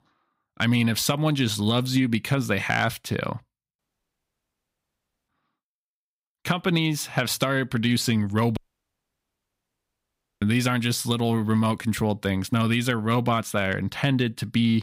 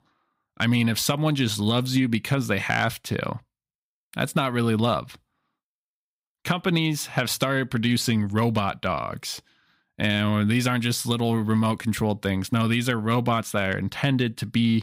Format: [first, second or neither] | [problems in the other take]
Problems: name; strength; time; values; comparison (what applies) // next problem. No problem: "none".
second | audio cutting out; at 4 s for 1.5 s and at 8.5 s for 2 s